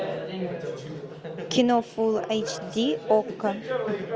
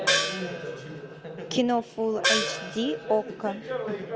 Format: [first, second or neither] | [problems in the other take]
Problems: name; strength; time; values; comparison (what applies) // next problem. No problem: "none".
first | background sound (Gong); 1 dB below the speech